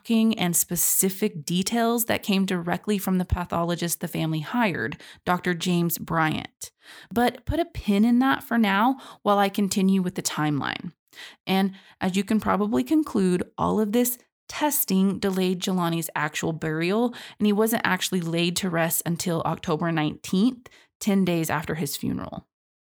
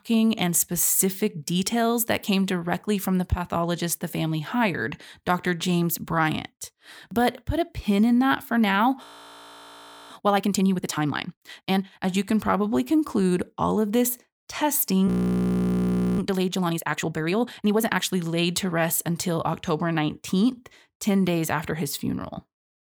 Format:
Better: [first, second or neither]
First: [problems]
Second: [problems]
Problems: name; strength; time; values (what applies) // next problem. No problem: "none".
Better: first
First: none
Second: audio freezing; at 9 s for 1 s and at 15 s for 1 s